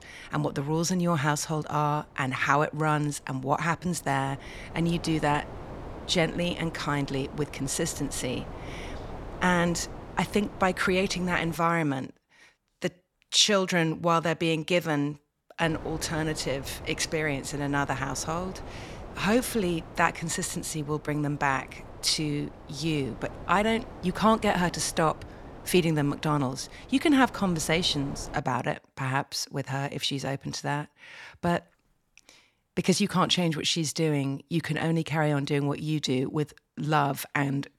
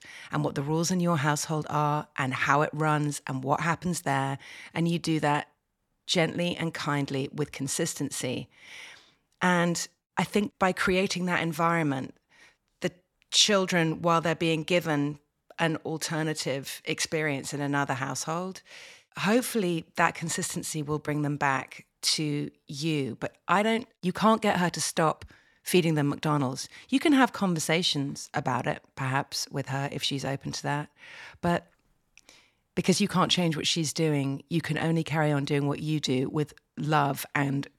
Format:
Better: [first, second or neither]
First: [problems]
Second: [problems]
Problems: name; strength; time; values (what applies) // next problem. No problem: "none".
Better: second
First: wind noise on the microphone; occasional gusts; until 12 s and from 16 to 28 s; 15 dB below the speech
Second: none